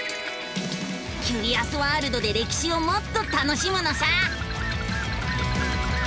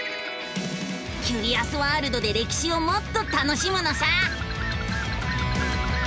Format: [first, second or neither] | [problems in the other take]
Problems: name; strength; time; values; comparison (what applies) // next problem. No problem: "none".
second | background sound (Rain); 17 dB below the speech